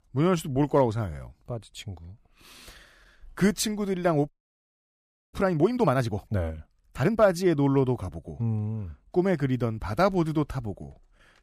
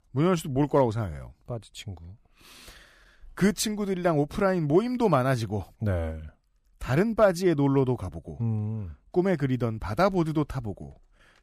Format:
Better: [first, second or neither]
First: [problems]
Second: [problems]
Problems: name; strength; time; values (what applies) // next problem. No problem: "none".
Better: second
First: audio freezing; at 4.5 s for 1 s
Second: none